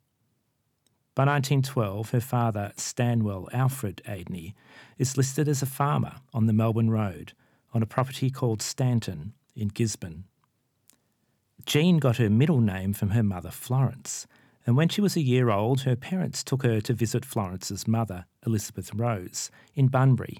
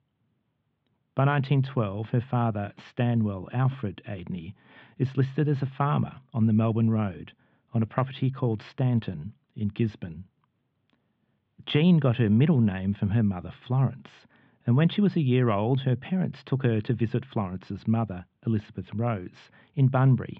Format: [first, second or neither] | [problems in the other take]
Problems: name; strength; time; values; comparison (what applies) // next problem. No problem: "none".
first | muffled; very; fading above 3.5 kHz